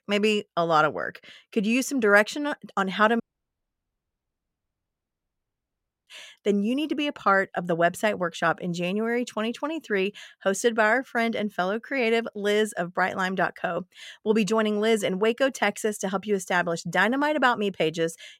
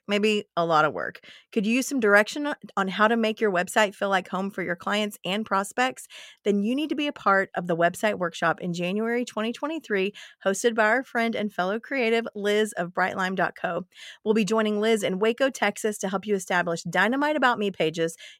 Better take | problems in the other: second | audio cutting out; at 3 s for 3 s

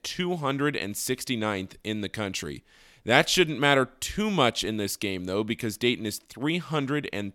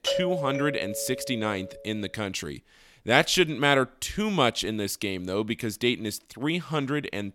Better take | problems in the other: first | doorbell; noticeable; until 1.5 s; peak 1 dB below the speech

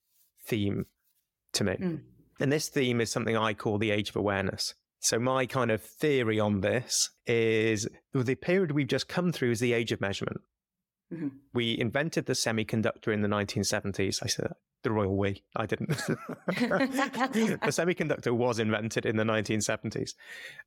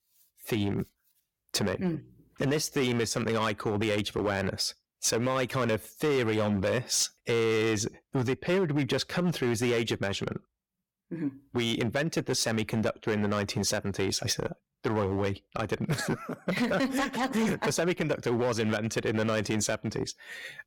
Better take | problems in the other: first | distortion; slight; 8% of the sound clipped

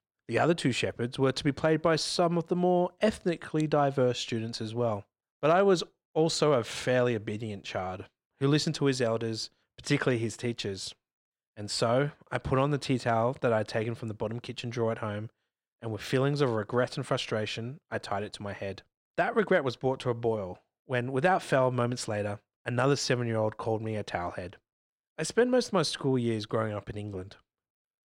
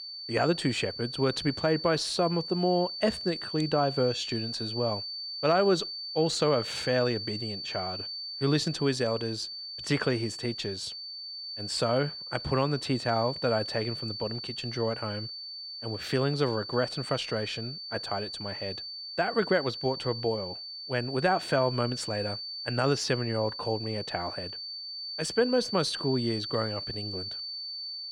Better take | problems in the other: first | high-pitched whine; loud; throughout; 4.5 kHz, 6 dB below the speech

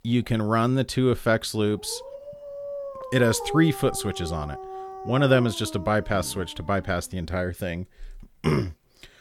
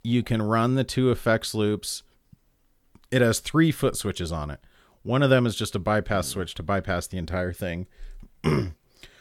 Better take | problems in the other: second | dog barking; noticeable; from 1.5 to 7 s; peak 7 dB below the speech

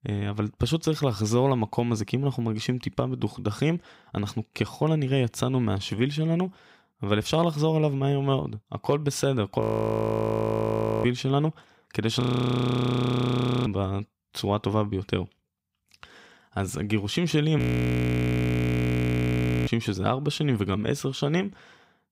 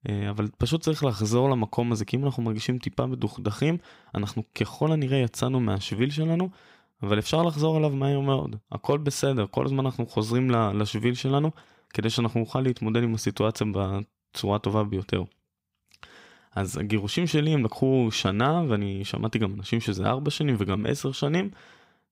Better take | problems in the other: second | audio freezing; at 9.5 s for 1.5 s, at 12 s for 1.5 s and at 18 s for 2 s

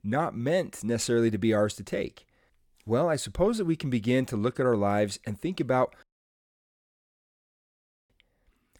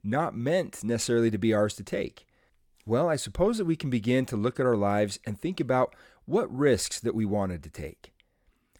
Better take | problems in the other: second | audio cutting out; at 6 s for 2 s

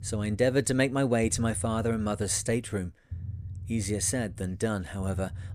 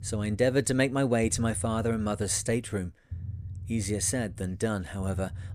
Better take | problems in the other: neither | low rumble; faint; throughout; 25 dB below the speech; the same in both

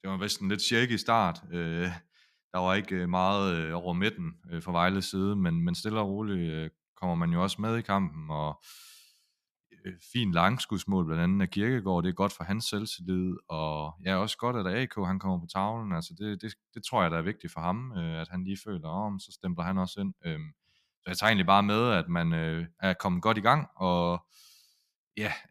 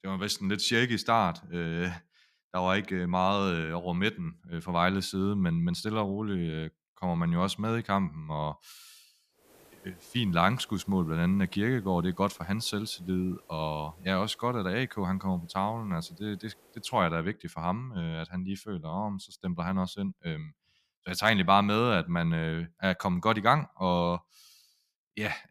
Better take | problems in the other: first | hiss; faint; from 9.5 to 17 s; 30 dB below the speech

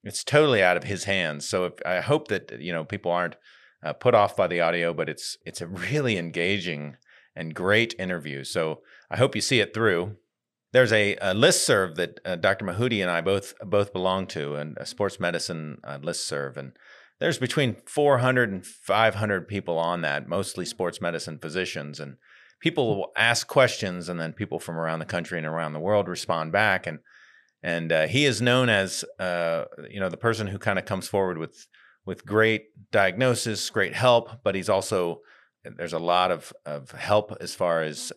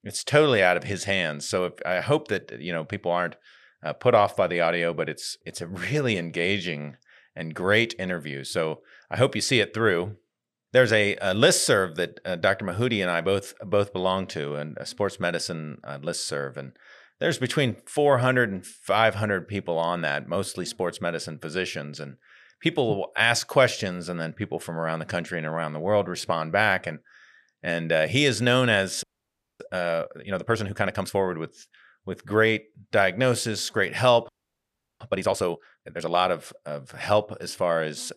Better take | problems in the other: first | audio freezing; at 29 s for 0.5 s and at 34 s for 0.5 s

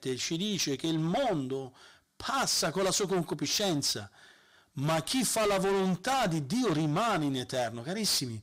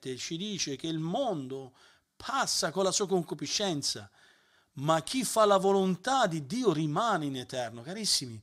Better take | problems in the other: second | distortion; heavy; 19% of the sound clipped

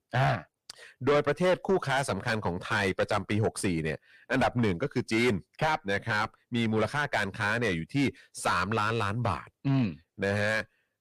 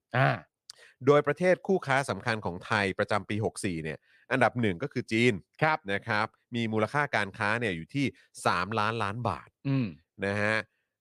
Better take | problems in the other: second | distortion; heavy; 5 dB below the speech

